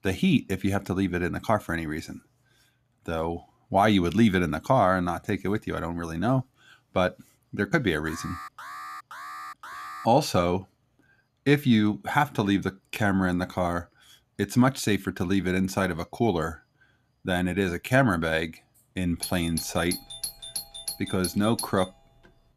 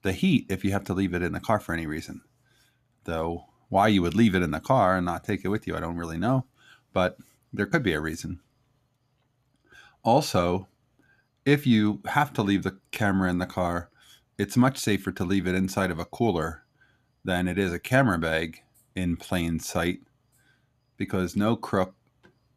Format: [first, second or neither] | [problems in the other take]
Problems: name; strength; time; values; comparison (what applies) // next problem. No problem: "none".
second | alarm; faint; from 8 to 10 s; peak 10 dB below the speech // doorbell; noticeable; from 19 to 22 s; peak 6 dB below the speech